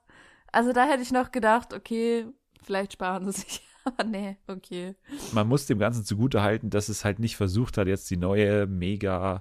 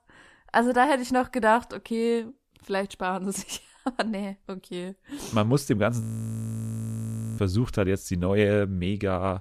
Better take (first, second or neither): first